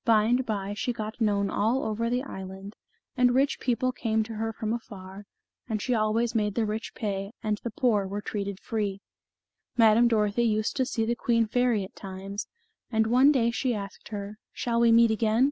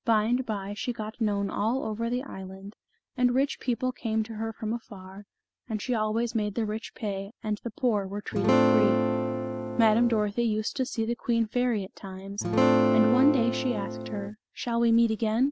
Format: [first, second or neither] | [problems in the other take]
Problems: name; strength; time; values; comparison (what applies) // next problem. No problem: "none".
first | background sound (Acoustic guitar / Strum); 2 dB above the speech